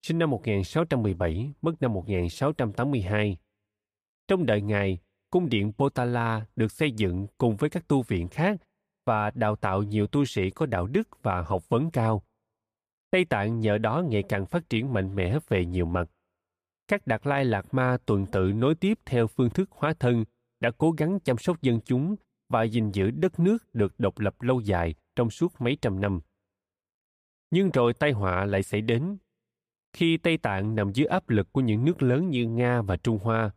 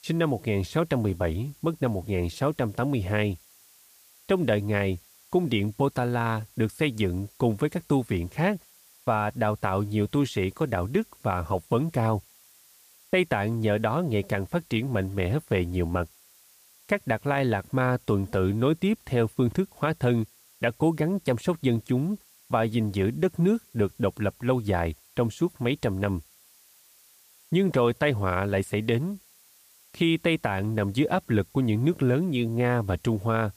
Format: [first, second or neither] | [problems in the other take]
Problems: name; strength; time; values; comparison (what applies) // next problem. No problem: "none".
first | hiss; faint; throughout; 25 dB below the speech